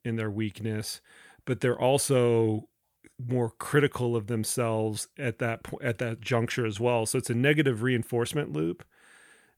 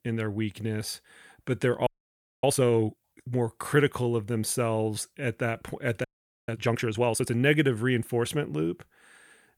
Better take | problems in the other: first | audio freezing; at 2 s for 0.5 s and at 6 s

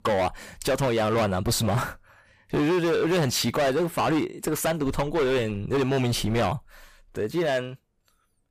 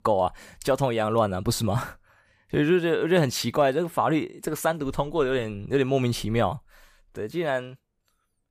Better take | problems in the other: second | distortion; heavy; 18% of the sound clipped

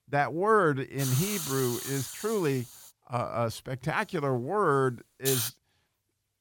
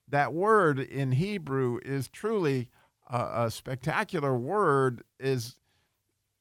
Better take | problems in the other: second | hiss; very faint; from 1 to 3 s and from 4 to 5.5 s; 4 dB below the speech

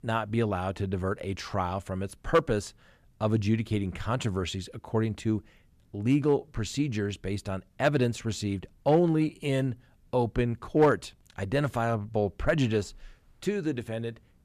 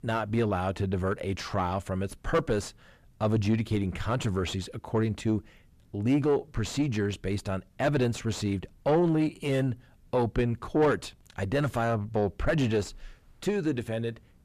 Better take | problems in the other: first | distortion; slight; 9 dB below the speech

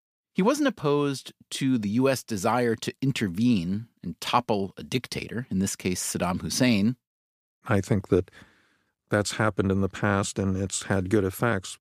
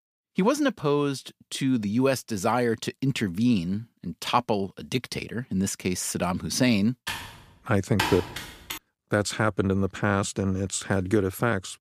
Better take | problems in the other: first | keyboard typing; noticeable; from 7 to 9 s; peak 2 dB below the speech

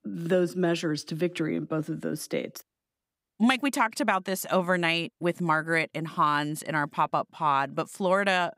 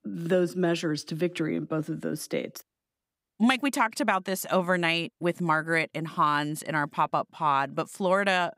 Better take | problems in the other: neither | none

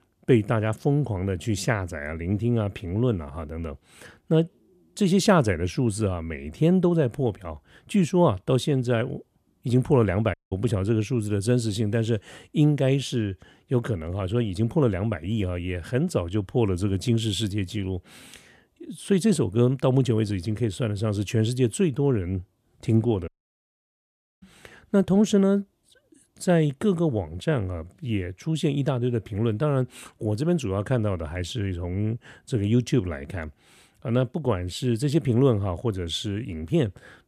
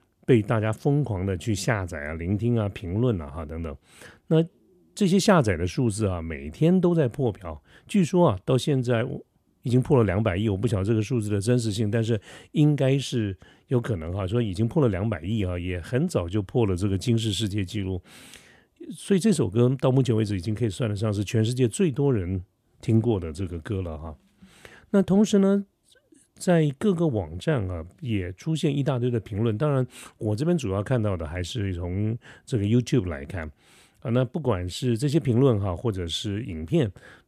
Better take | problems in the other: second | audio cutting out; at 10 s and at 23 s for 1 s

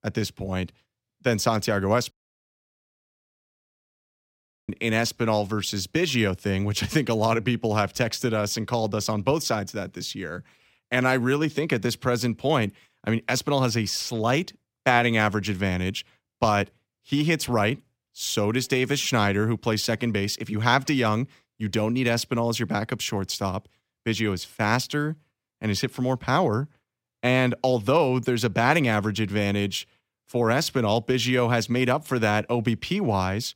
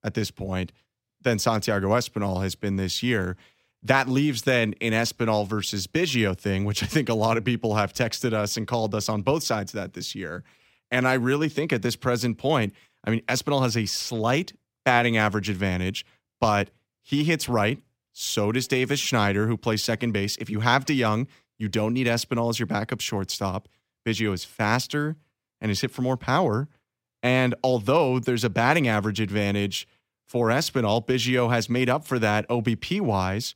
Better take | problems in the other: second | audio cutting out; at 2 s for 2.5 s

